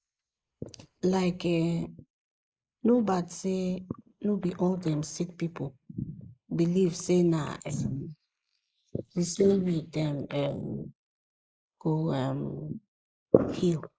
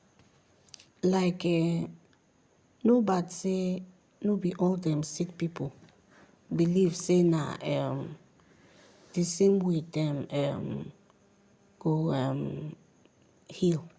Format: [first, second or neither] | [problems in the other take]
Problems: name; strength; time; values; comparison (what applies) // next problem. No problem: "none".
second | noise reduction (neural mask model Resemble Enhance denoiser)